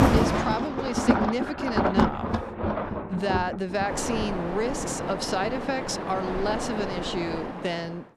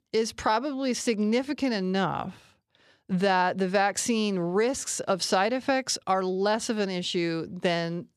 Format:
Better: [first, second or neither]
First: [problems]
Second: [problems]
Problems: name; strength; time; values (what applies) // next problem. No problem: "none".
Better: second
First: rain or running water; very loud; throughout; 1 dB above the speech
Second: none